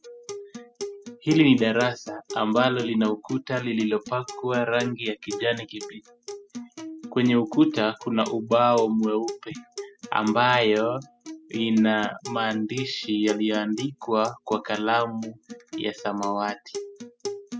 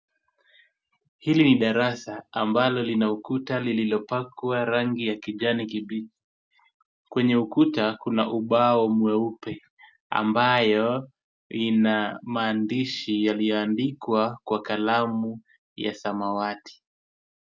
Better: second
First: noise reduction (classical method spectral subtraction)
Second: none

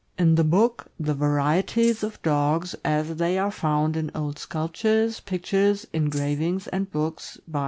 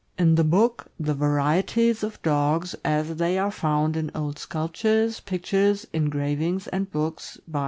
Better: second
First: background sound (Rattle (instrument)); 18 dB below the speech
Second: none

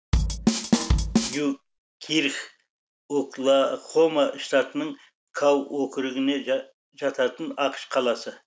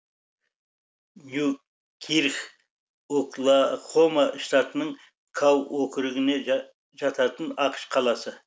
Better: second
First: background sound (Bass drum / Snare drum / Drum kit); 2 dB above the speech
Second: none

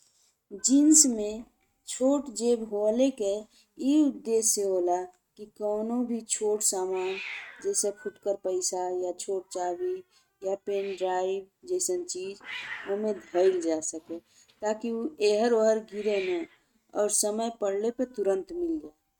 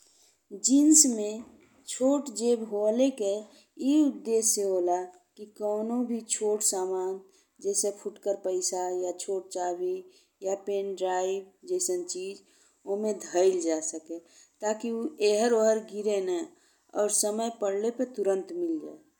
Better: second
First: noise reduction (neural mask model RNNoise)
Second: none

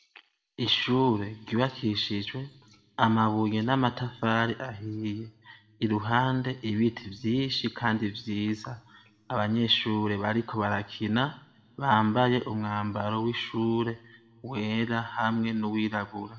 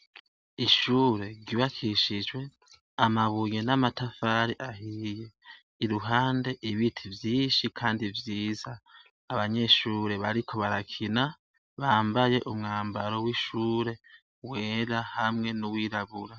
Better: second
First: room echo; dies away in 1 s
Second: none

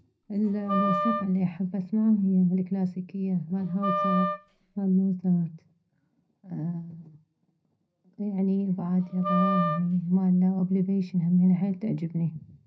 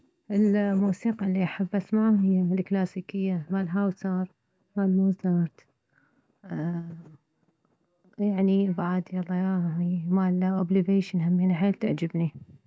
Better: second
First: background sound (Wind instrument, woodwind instrument); 5 dB below the speech // room echo; dies away in 0.3 s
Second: none

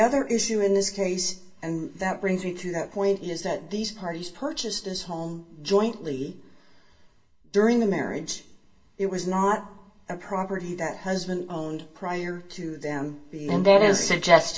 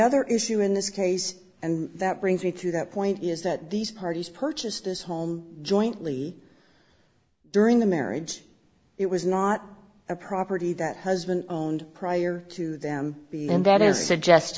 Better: second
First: room echo; dies away in 0.2 s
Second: none

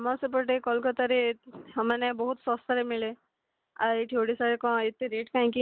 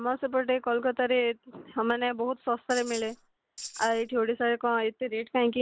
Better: first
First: none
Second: background sound (Tambourine); 14 dB below the speech

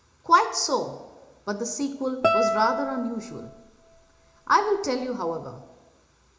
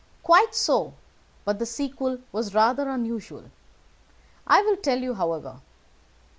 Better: second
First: background sound (Guitar); 3 dB below the speech // room echo; dies away in 0.8 s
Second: none

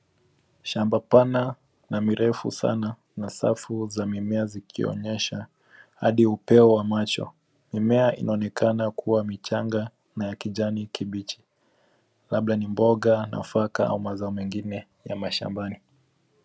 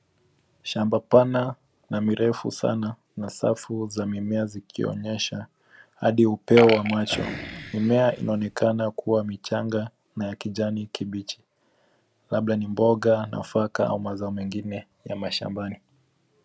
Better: first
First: none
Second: background sound (Burping, eructation); 7 dB below the speech

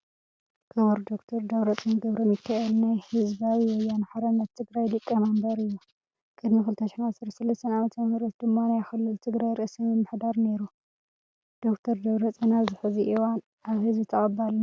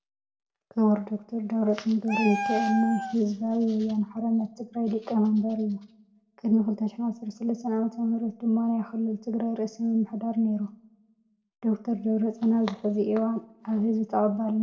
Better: first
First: none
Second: background sound (Meow); 7 dB below the speech // room echo; dies away in 0.5 s

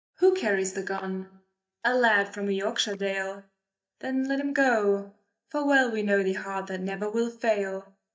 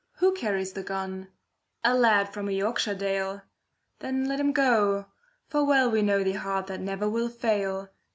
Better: second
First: noise reduction (neural mask model DeepFilterNet 3)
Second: none

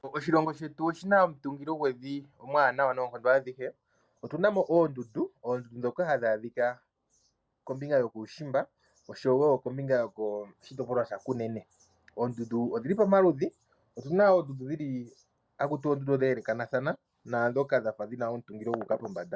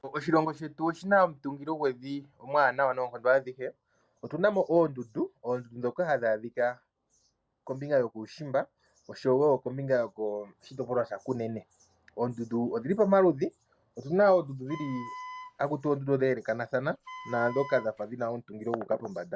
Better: first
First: none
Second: background sound (Wind instrument, woodwind instrument); 15 dB below the speech

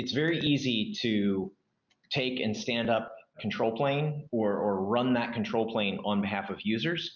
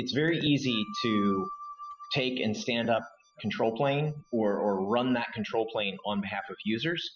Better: first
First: none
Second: noise reduction (classical method spectral subtraction)

